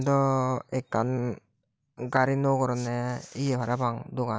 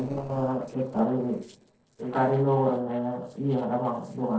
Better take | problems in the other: first | noise reduction (neural separator model SepFormer DNS4)

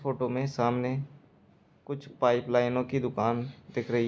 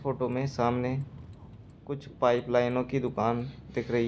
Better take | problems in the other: first | background sound (Vehicle); 18 dB below the speech

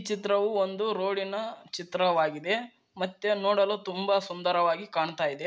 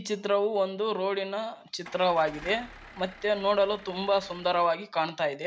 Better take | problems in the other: first | background sound (Engine starting / Car); 19 dB below the speech

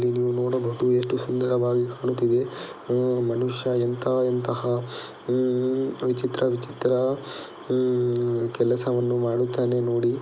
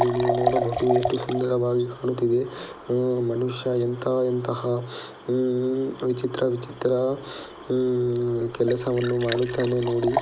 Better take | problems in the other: first | background sound (Liquid); 9 dB below the speech

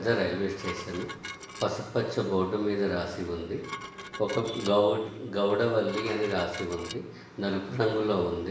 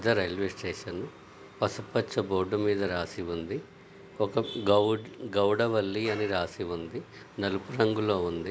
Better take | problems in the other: second | background sound (Dishes, pots, and pans); 14 dB below the speech // room echo; dies away in 0.9 s

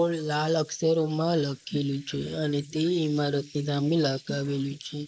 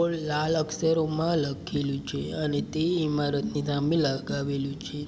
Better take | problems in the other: second | noise reduction (neural mask model Resemble Enhance denoiser)

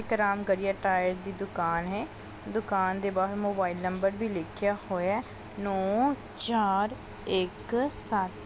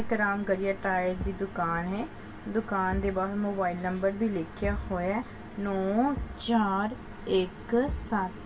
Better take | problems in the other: first | background sound (Thump, thud); 13 dB below the speech // room echo; dies away in 0.1 s

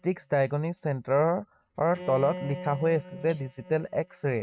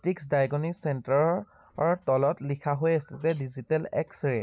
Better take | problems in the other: second | noise reduction (neural mask model RNNoise)

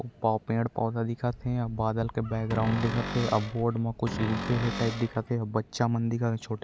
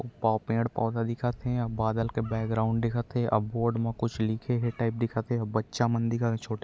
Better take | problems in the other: second | background sound (Cupboard open or close); 6 dB below the speech

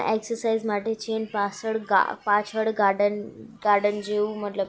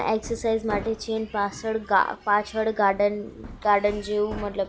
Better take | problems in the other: first | background sound (Hammer); 16 dB below the speech

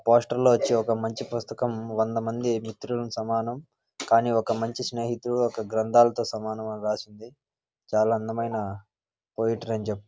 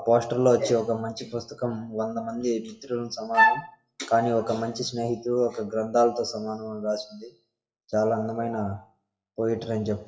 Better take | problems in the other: first | noise reduction (classical method WPE with log-MMSE)

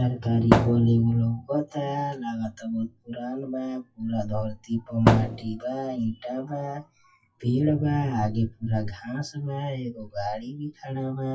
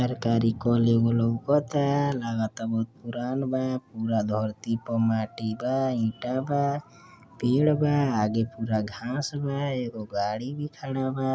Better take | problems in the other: second | noise reduction (classical method WPE with log-MMSE)

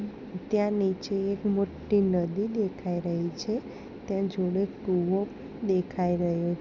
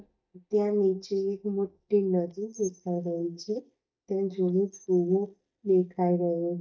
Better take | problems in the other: first | noise reduction (neural mask model DeepFilterNet 3)

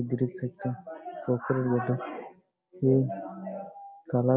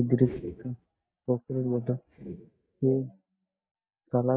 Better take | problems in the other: first | noise reduction (neural mask model DeepFilterNet 3)

